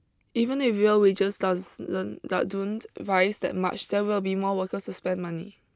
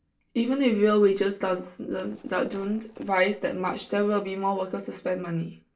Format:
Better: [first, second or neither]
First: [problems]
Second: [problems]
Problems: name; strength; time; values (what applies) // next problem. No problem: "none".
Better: first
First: none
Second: noise reduction (neural separator model SepFormer DNS4)